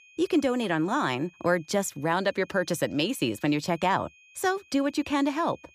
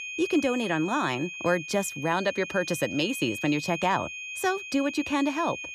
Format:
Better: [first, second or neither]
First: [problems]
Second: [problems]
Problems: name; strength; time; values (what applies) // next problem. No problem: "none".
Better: first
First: high-pitched whine; faint; throughout; 2.5 kHz, 30 dB below the speech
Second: high-pitched whine; loud; throughout; 2.5 kHz, 8 dB below the speech